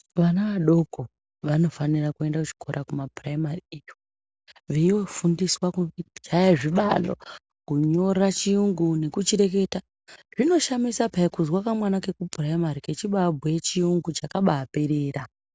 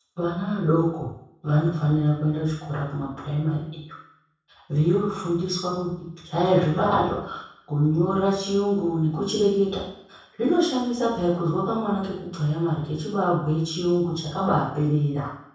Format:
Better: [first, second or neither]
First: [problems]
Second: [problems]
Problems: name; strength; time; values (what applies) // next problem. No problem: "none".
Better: first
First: none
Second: room echo; dies away in 0.7 s